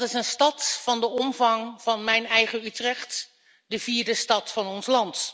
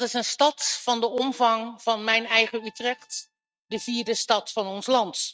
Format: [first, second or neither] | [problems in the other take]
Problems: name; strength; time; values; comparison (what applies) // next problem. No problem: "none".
first | noise reduction (neural mask model RNNoise)